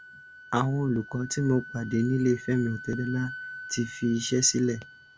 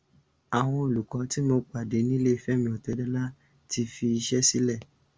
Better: second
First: background sound (Wind instrument, woodwind instrument); 15 dB below the speech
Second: none

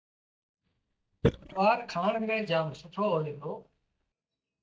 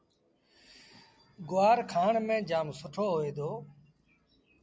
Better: second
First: noise reduction (neural mask model DeepFilterNet 3)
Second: none

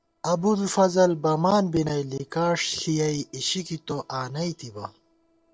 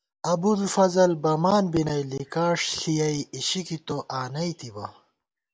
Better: second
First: noise reduction (neural separator model SepFormer DNS4)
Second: none

